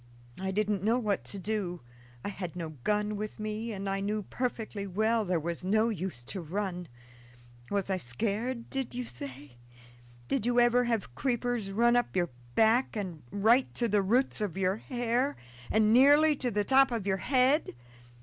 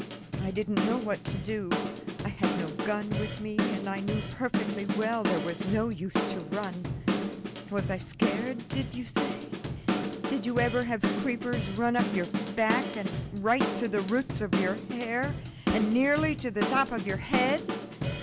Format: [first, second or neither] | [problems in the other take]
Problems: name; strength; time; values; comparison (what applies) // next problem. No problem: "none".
first | background sound (Drum / Drum kit); 1 dB below the speech